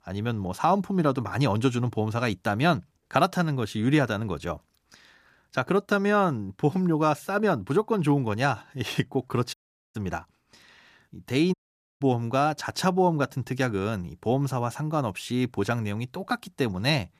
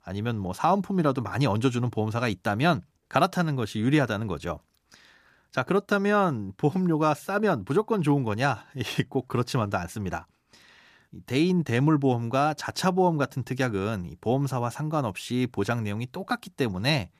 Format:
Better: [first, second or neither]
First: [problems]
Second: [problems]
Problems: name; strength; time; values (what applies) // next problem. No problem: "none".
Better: second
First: audio cutting out; at 9.5 s and at 12 s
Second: none